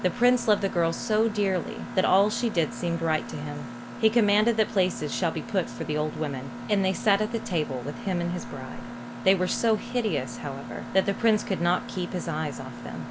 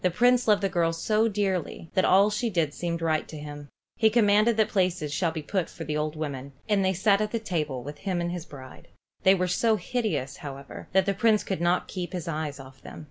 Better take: second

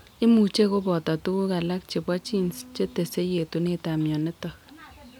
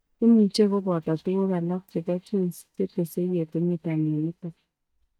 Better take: first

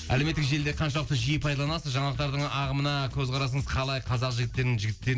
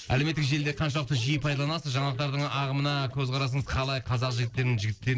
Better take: first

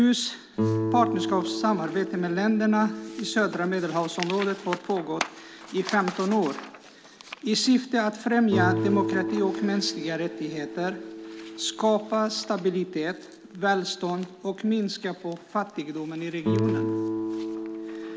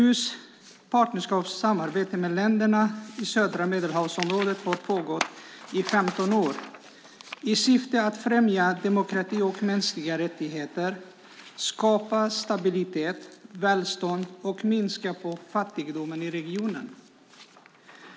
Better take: second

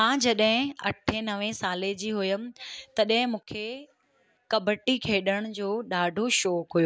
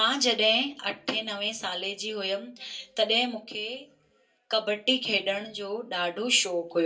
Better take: first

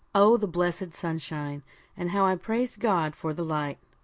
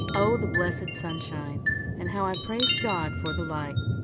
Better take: first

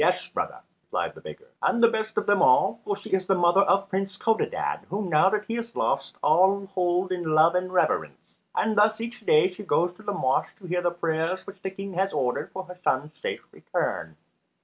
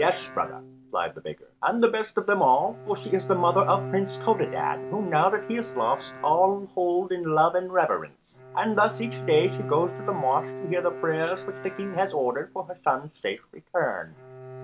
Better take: first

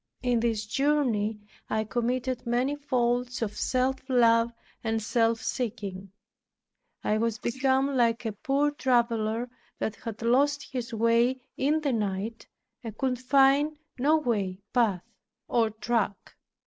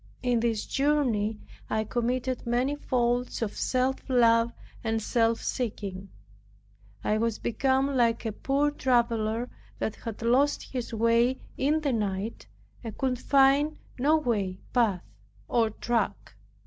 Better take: second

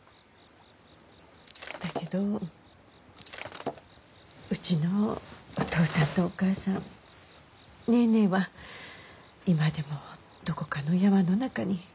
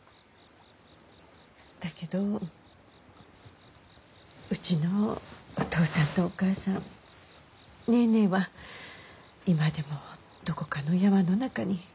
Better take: second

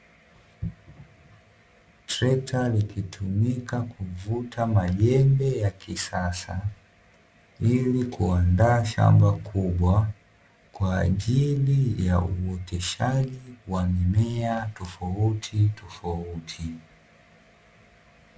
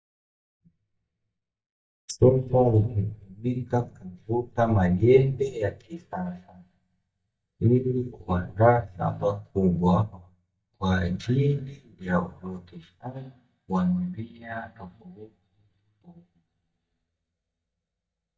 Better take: first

